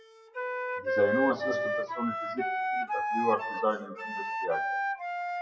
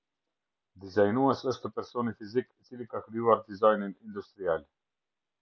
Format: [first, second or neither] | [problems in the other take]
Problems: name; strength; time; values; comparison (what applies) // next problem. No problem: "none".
second | noise reduction (classical method WPE with log-MMSE)